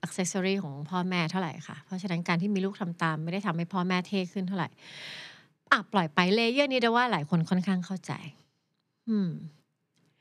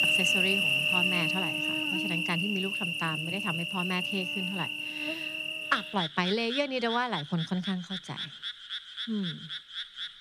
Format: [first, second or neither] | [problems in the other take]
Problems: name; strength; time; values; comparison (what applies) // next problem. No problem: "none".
first | animal sounds; very loud; throughout; 3 dB above the speech